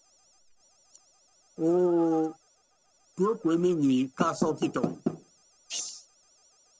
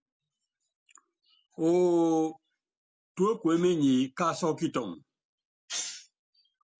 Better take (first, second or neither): second